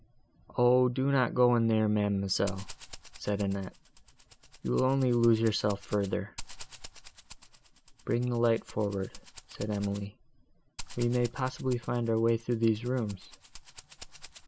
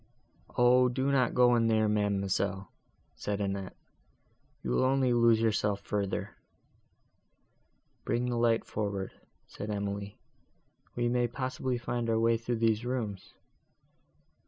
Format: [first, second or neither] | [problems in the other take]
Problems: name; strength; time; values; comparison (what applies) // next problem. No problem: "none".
second | background sound (Rattle (instrument)); 16 dB below the speech